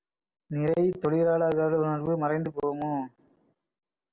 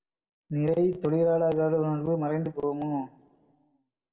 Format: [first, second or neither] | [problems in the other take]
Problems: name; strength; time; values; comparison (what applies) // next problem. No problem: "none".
first | room echo; dies away in 0.6 s